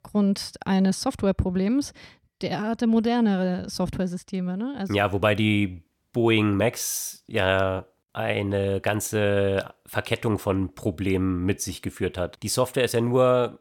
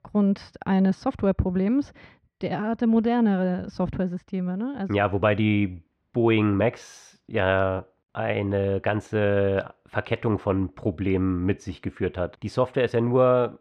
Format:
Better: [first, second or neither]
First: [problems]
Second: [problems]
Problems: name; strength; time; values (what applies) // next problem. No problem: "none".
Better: first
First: none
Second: muffled; very; fading above 2 kHz